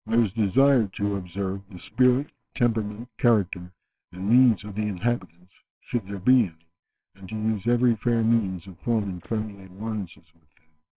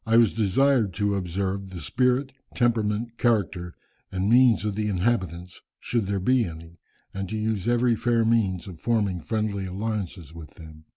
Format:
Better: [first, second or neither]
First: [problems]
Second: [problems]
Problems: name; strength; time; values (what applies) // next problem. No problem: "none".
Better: second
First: noise reduction (neural separator model SepFormer WHAMR!)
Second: none